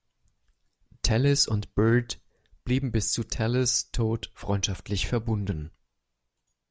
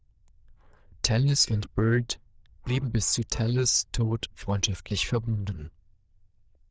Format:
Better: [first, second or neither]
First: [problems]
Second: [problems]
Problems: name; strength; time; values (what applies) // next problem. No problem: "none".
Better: first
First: none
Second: noise reduction (neural diffusion model UNIVERSE++)